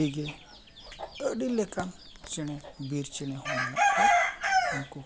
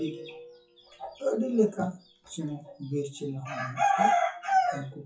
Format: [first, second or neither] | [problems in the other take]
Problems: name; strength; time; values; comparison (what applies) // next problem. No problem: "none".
first | noise reduction (classical method WPE with log-MMSE)